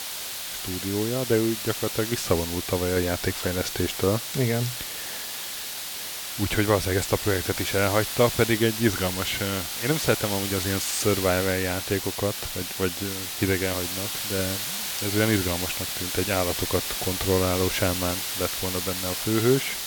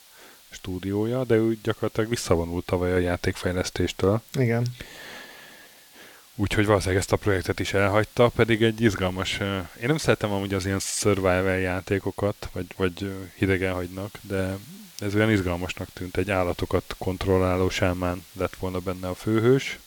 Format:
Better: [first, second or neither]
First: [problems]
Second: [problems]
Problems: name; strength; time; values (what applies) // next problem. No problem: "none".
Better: second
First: hiss; loud; throughout; 3 dB below the speech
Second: hiss; faint; throughout; 25 dB below the speech